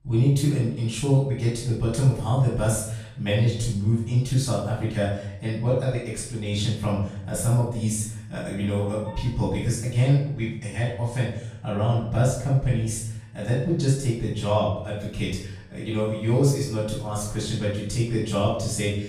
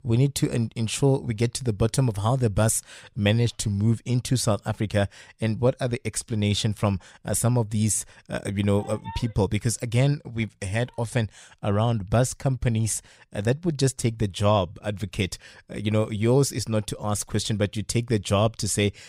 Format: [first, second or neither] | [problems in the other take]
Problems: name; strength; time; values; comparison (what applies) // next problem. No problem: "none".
second | off-mic speech; far // room echo; noticeable; dies away in 0.6 s